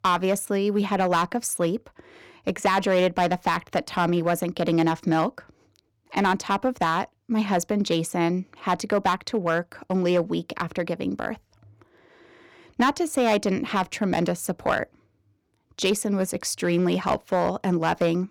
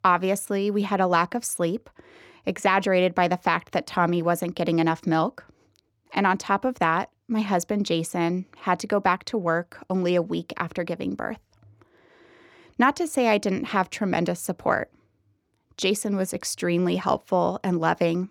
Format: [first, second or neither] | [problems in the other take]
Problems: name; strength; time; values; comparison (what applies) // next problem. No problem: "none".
second | distortion; slight; 2% of the sound clipped